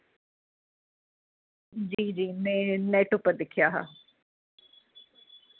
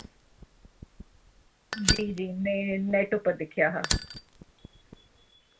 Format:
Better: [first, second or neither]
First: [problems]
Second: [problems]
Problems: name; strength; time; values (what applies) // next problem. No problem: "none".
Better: first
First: none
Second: background sound (Fire); 4 dB below the speech // room echo; dies away in 0.2 s